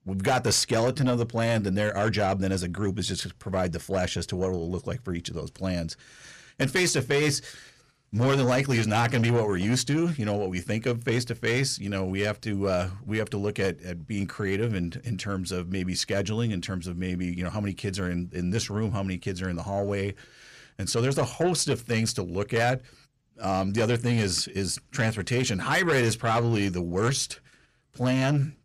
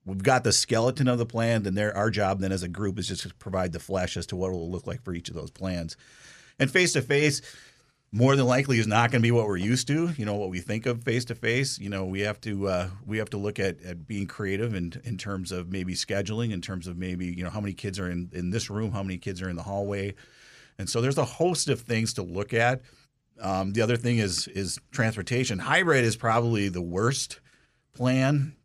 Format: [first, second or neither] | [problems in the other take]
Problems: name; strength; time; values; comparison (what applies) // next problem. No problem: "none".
second | distortion; slight; 10 dB below the speech